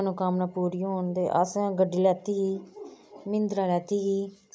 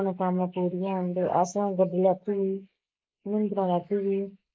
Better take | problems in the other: first | noise reduction (neural mask model Resemble Enhance denoiser)

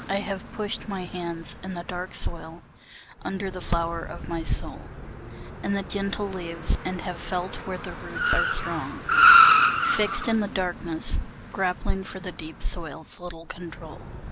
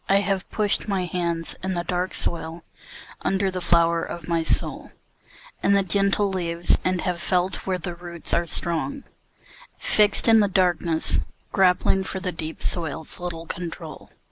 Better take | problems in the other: second | background sound (Car); 2 dB above the speech

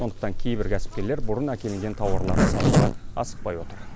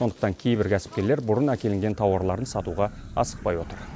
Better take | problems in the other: second | background sound (Zipper (clothing)); 5 dB above the speech

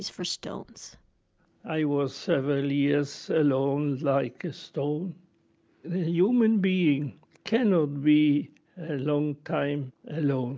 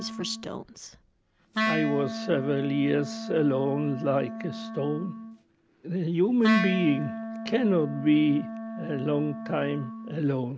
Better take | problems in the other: first | background sound (Wind instrument, woodwind instrument); 7 dB below the speech

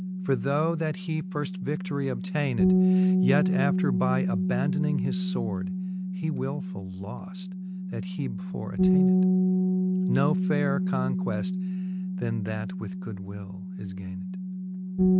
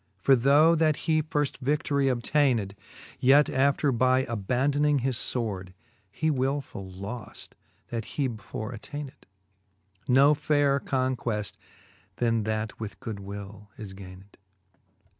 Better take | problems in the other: second | background sound (Bass guitar); 5 dB above the speech

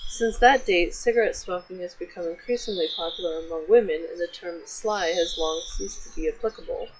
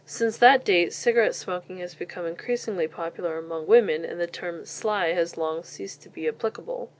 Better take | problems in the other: second | noise reduction (classical method log-MMSE)

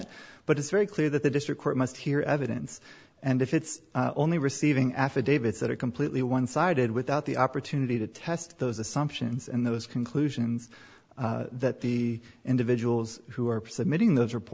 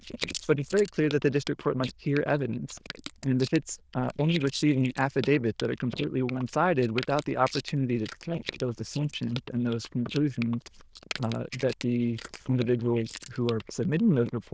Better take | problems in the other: first | noise reduction (neural diffusion model UNIVERSE++)

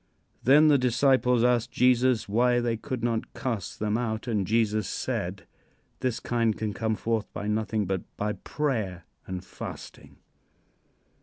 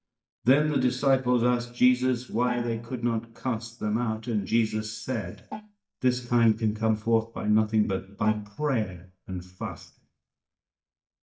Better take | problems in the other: first | noise reduction (neural mask model DeepFilterNet 3)

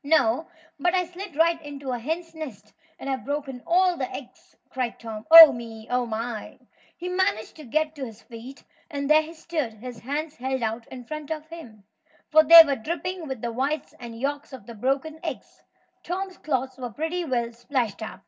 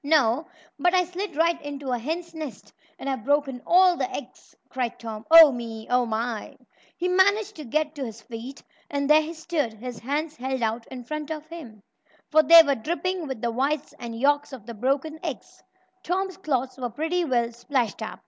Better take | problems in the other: second | room echo; dies away in 0.4 s

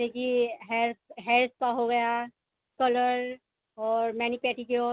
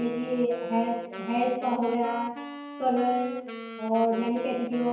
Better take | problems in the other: first | background sound (Wind instrument, woodwind instrument); 11 dB below the speech // room echo; dies away in 0.9 s

